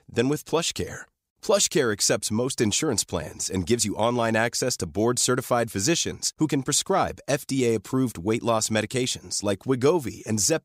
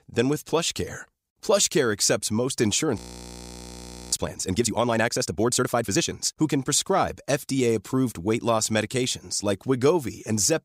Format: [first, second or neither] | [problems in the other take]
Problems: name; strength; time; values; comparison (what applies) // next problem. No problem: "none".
first | audio freezing; at 3 s for 1 s